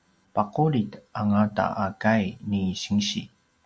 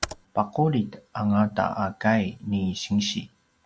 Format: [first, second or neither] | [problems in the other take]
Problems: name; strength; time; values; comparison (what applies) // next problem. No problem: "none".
first | background sound (Computer keyboard); 14 dB below the speech